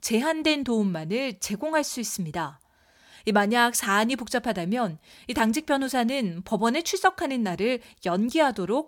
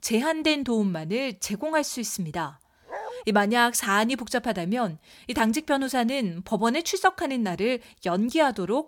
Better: first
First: none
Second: dog barking; faint; at 3 s; peak 10 dB below the speech

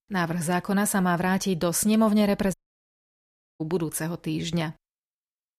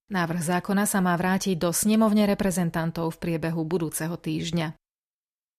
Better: second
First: audio cutting out; at 2.5 s for 1 s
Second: none

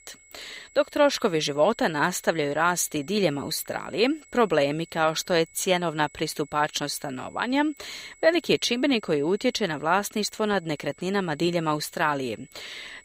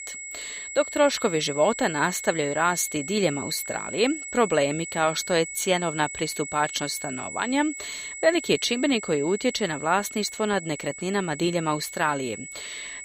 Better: first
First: high-pitched whine; faint; throughout; 8 kHz, 25 dB below the speech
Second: high-pitched whine; loud; throughout; 8 kHz, 9 dB below the speech

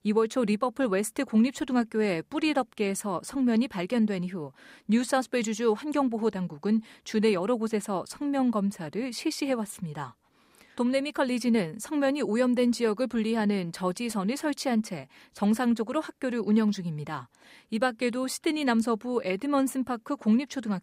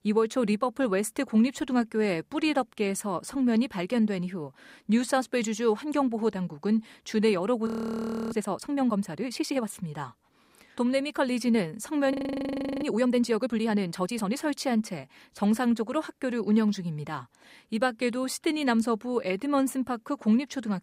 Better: first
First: none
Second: audio freezing; at 7.5 s for 0.5 s and at 12 s for 0.5 s

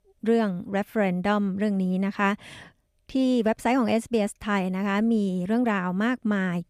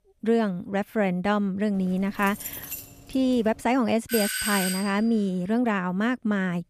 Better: first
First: none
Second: jangling keys; noticeable; from 2 to 3.5 s; peak 8 dB below the speech // doorbell; noticeable; at 4 s; peak 1 dB below the speech

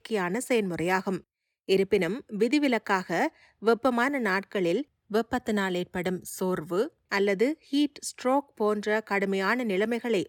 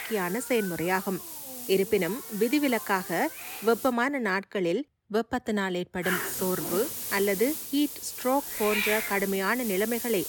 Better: first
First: none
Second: hiss; loud; until 4 s and from 6 s on; 5 dB below the speech

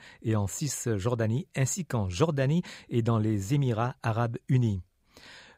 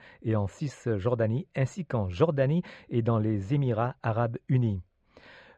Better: first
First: none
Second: muffled; very; fading above 2.5 kHz

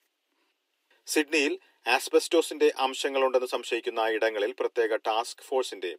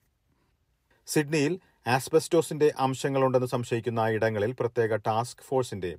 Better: second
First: thin; somewhat; fading below 300 Hz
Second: none

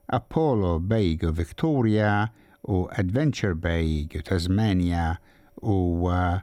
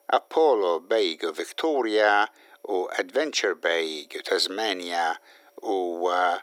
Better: first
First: none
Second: thin; very; fading below 350 Hz

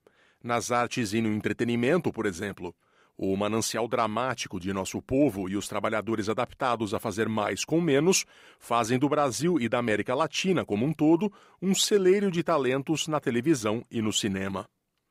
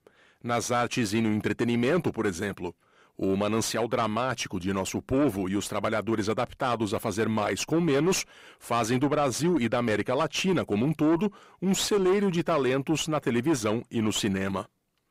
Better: first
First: none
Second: distortion; slight; 10 dB below the speech

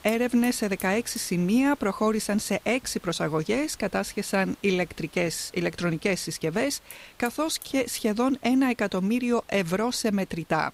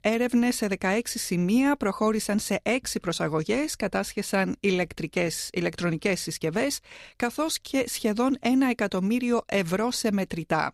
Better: second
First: hiss; faint; throughout; 25 dB below the speech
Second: none

